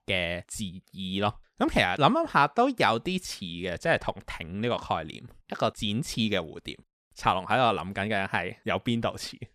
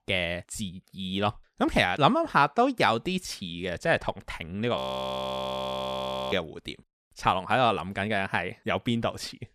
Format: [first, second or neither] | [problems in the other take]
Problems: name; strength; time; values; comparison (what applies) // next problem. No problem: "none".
first | audio freezing; at 5 s for 1.5 s